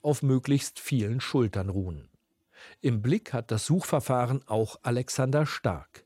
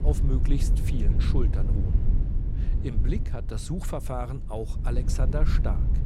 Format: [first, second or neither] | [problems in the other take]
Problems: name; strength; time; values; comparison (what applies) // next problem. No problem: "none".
first | low rumble; loud; throughout; 6 dB below the speech